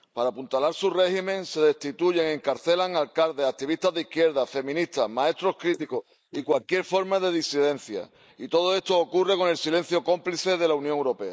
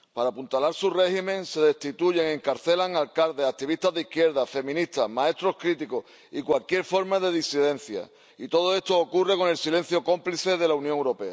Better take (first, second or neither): second